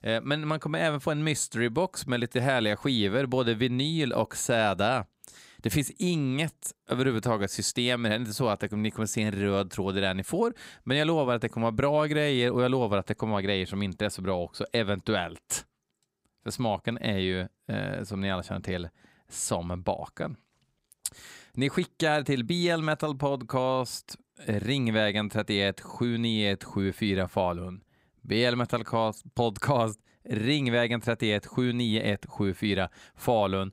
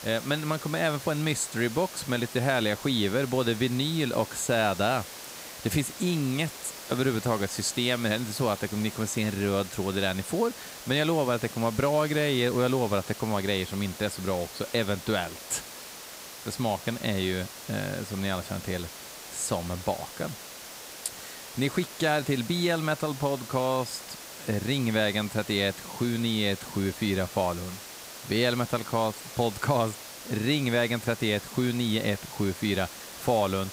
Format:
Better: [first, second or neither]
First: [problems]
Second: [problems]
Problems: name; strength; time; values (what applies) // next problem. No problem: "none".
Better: first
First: none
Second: hiss; noticeable; throughout; 10 dB below the speech